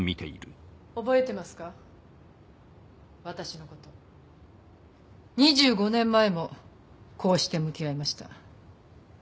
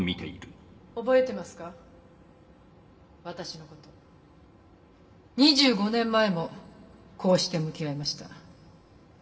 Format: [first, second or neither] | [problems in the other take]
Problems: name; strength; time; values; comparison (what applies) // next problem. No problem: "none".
first | room echo; dies away in 1.2 s